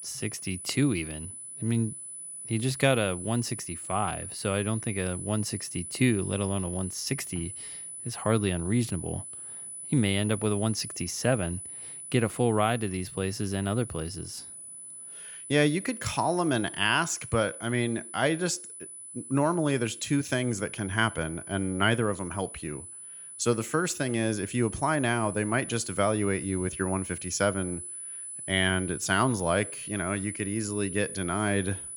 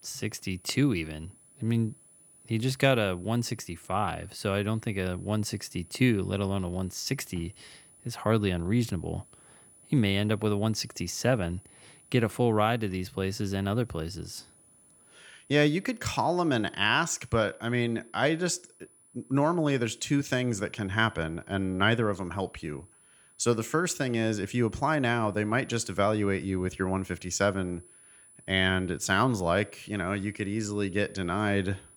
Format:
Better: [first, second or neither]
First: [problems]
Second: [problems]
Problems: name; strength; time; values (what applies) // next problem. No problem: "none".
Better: second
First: high-pitched whine; loud; throughout; 10 kHz, 9 dB below the speech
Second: high-pitched whine; faint; throughout; 10 kHz, 25 dB below the speech